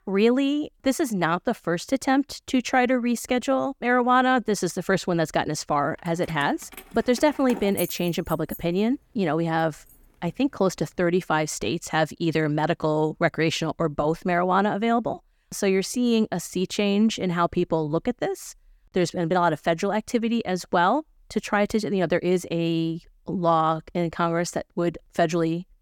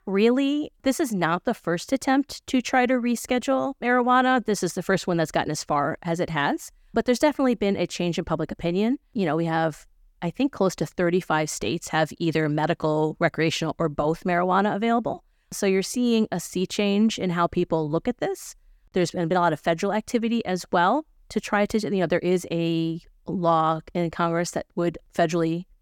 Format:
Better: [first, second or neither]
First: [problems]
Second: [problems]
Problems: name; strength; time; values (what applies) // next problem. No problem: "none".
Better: second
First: jangling keys; noticeable; from 6 to 10 s; peak 8 dB below the speech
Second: none